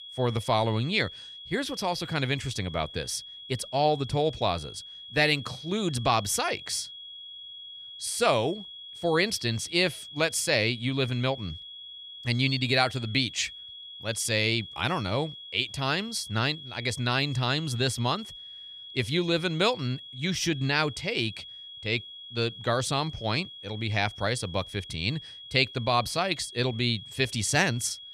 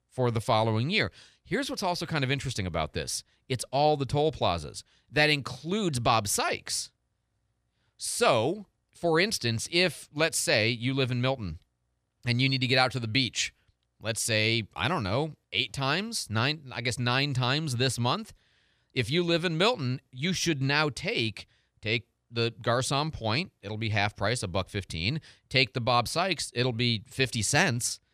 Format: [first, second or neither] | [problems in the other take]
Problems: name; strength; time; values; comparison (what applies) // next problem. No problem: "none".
second | high-pitched whine; noticeable; throughout; 3.5 kHz, 15 dB below the speech